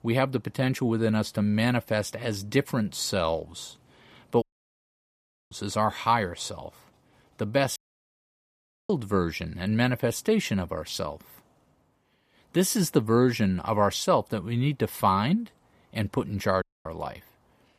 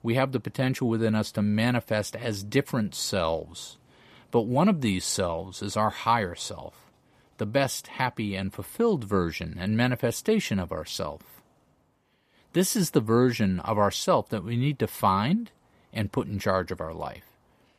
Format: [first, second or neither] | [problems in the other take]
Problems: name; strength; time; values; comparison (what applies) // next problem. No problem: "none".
second | audio cutting out; at 4.5 s for 1 s, at 8 s for 1 s and at 17 s